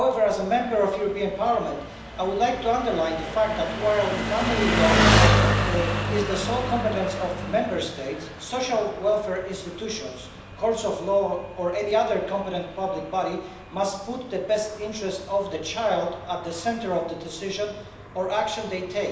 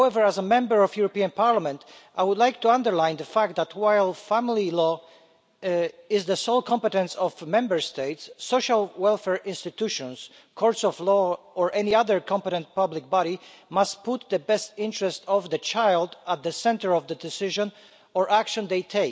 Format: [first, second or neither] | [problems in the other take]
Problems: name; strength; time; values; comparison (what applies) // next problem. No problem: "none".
second | background sound (Engine); 2 dB below the speech // room echo; dies away in 0.9 s